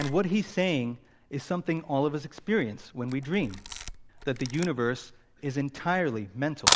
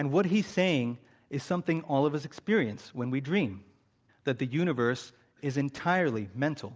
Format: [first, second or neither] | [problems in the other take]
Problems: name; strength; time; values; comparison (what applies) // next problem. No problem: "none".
second | background sound (Camera); 6 dB below the speech